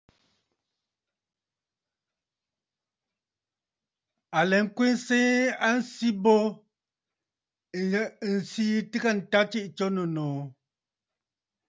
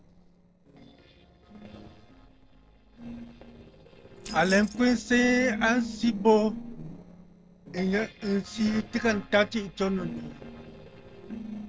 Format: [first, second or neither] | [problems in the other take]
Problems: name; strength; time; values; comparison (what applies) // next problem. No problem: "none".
first | noise reduction (neural separator model SepFormer DNS4)